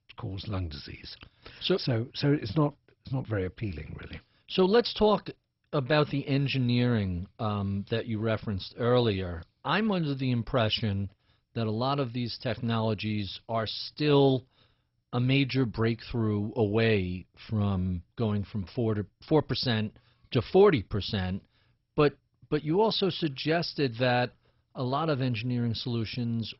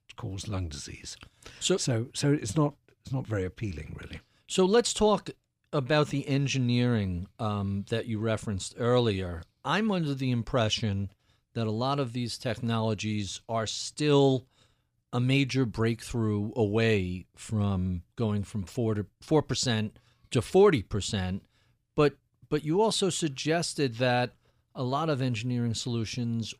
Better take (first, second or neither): second